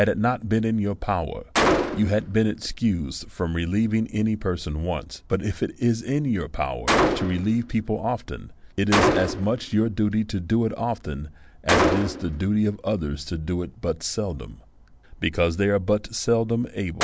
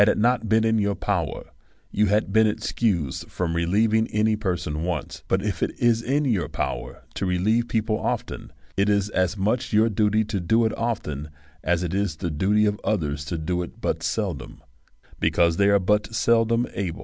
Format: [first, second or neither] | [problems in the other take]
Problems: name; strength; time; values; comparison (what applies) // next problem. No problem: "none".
second | background sound (Gunshot, gunfire); 5 dB below the speech